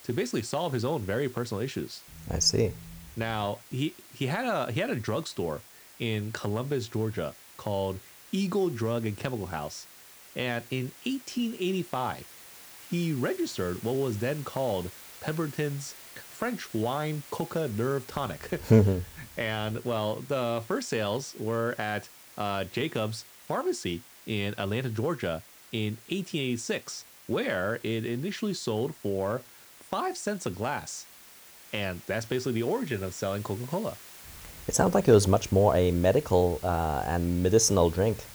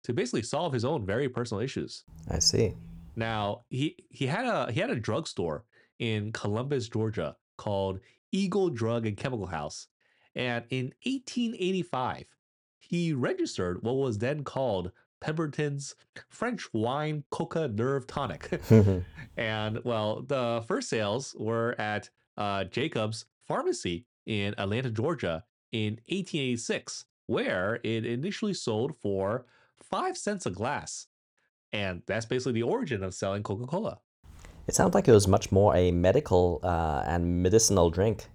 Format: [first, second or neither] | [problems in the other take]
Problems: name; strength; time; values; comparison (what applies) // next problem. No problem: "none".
second | hiss; noticeable; throughout; 20 dB below the speech